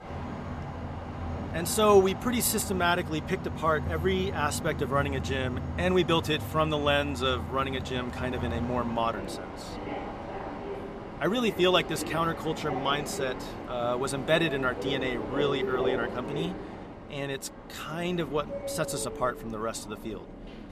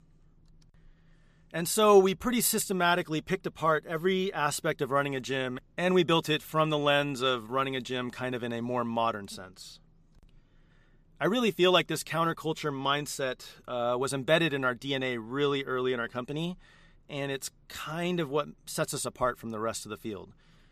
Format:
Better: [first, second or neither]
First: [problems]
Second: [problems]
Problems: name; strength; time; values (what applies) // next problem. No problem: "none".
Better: second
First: train or aircraft noise; loud; throughout; 8 dB below the speech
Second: none